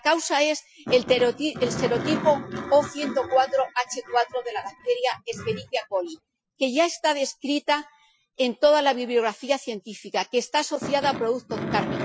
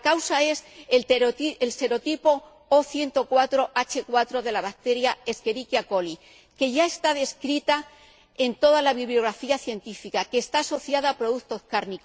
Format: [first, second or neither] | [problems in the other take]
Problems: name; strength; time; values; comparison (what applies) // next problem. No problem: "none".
second | noise reduction (classical method Wiener filter)